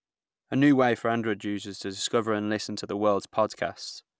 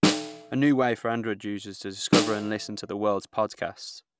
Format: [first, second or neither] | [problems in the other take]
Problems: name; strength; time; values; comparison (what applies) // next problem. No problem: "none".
first | background sound (Snare drum); 2 dB below the speech